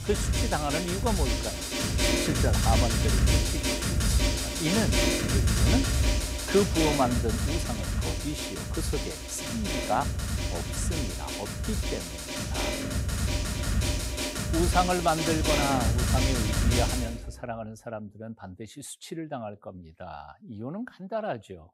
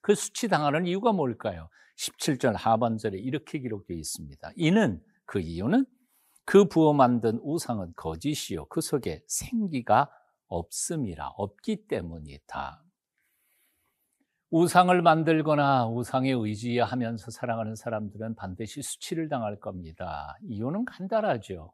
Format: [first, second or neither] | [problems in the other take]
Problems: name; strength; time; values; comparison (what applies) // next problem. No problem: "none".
second | background music; very loud; until 17 s; 4 dB above the speech